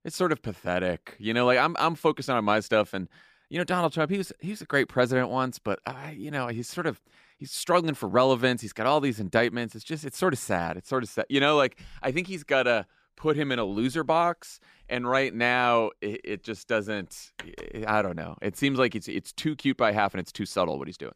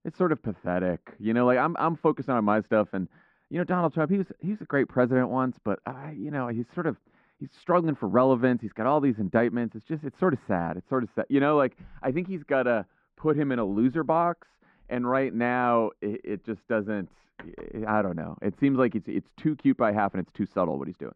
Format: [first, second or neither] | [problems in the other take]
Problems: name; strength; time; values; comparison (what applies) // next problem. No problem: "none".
first | muffled; very; fading above 1.5 kHz